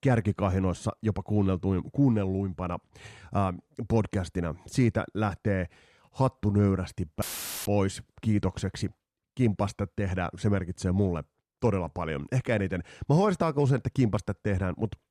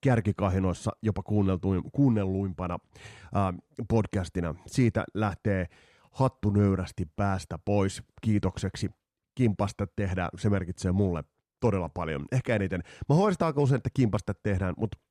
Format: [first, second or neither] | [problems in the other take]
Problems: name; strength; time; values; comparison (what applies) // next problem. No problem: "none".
second | audio cutting out; filled with static; at 7 s